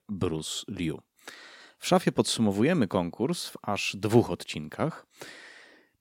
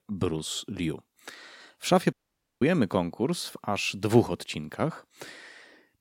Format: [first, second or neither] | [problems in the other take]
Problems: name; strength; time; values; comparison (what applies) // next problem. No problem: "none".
first | audio cutting out; at 2 s